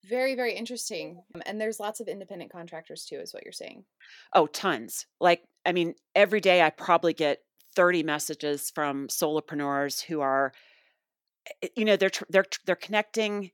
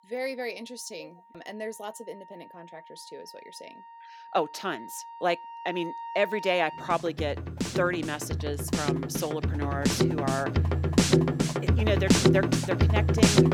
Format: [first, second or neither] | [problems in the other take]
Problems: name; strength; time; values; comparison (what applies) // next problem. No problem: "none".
first | background music; very loud; throughout; 5 dB above the speech